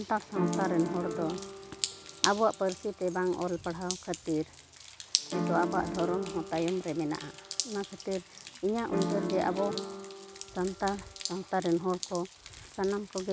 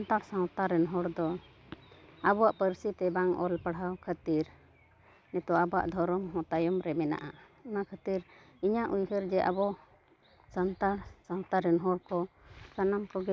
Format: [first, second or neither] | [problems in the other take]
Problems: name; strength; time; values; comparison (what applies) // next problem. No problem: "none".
second | background sound (Piano + Drip); 5 dB below the speech